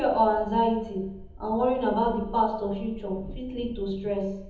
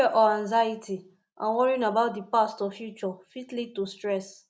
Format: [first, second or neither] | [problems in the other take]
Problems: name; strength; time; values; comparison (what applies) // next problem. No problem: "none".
second | background sound (Train); 16 dB below the speech // room echo; dies away in 1 s